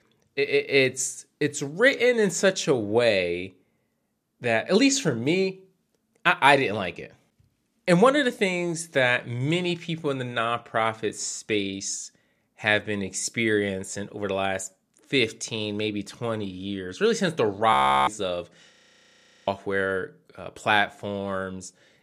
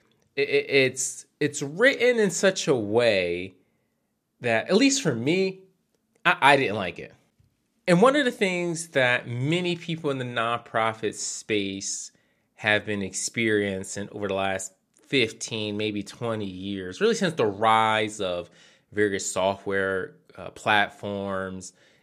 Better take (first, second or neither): second